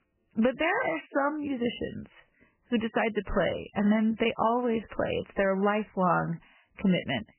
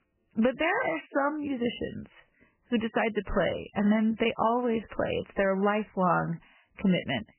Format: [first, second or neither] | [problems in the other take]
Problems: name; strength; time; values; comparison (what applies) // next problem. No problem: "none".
neither | garbled, watery; badly; nothing above 3 kHz; the same in both